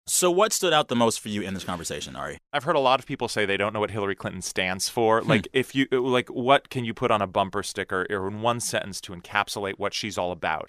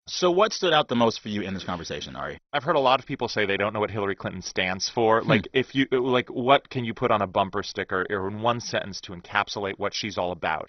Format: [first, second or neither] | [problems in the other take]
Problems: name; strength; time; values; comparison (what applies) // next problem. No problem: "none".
first | garbled, watery; badly; nothing above 6 kHz